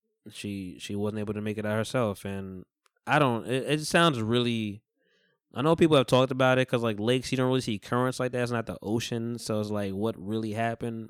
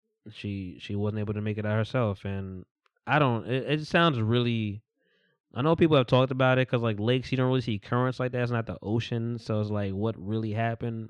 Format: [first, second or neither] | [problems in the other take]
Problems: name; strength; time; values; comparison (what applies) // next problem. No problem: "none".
first | muffled; very slightly; fading above 3 kHz